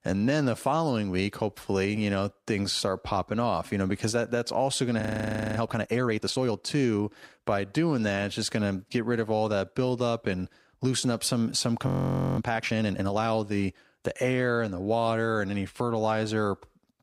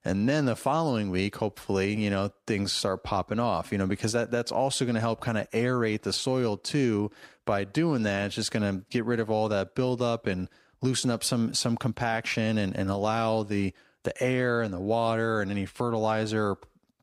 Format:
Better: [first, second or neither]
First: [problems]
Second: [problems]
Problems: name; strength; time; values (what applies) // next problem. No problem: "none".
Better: second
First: audio freezing; at 5 s for 0.5 s and at 12 s for 0.5 s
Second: none